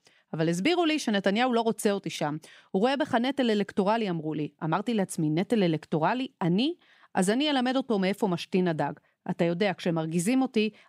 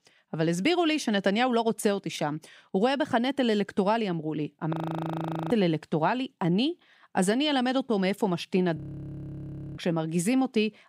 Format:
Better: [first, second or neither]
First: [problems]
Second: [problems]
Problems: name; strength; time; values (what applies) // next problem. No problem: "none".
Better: first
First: none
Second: audio freezing; at 4.5 s for 1 s and at 9 s for 1 s